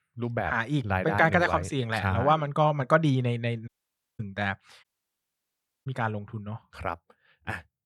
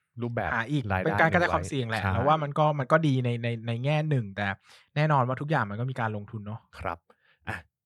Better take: second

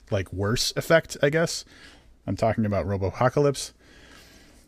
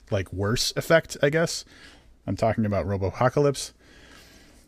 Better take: neither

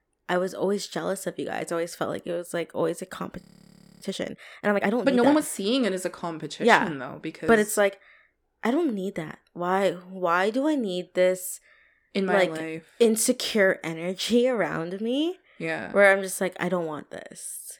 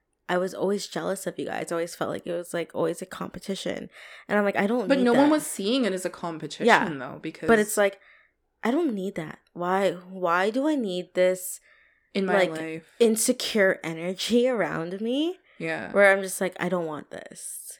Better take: second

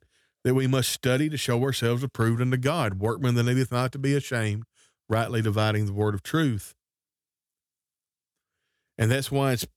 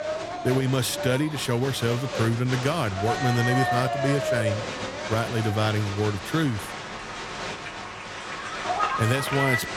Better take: first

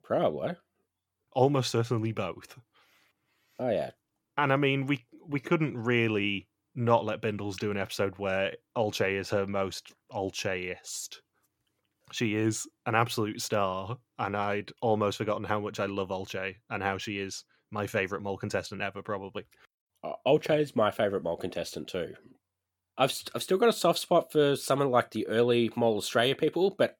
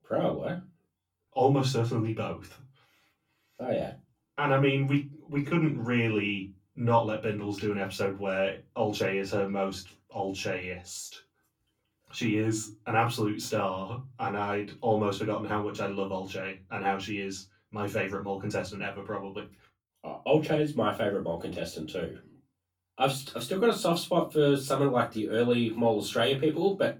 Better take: first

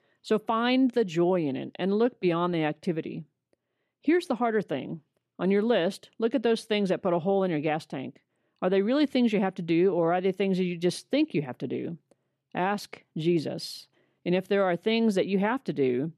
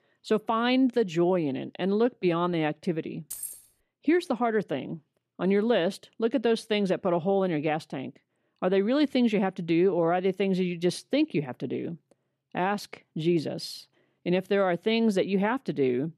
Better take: first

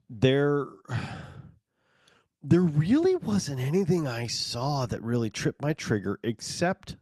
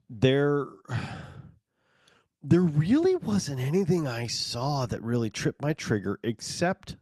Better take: neither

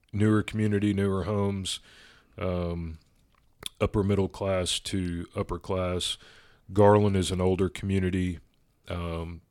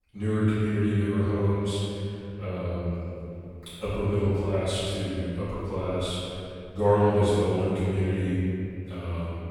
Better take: first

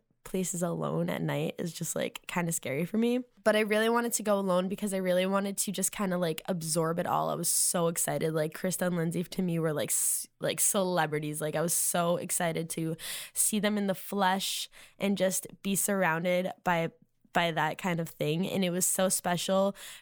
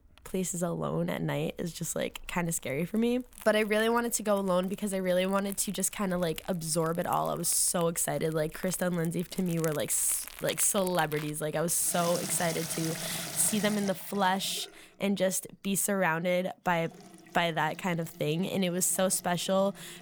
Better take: first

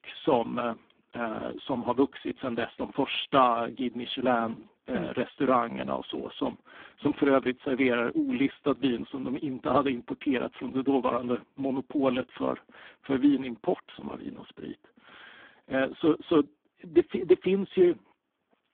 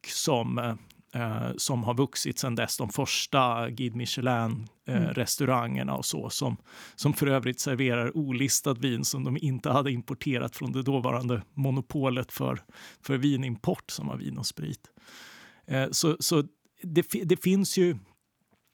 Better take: second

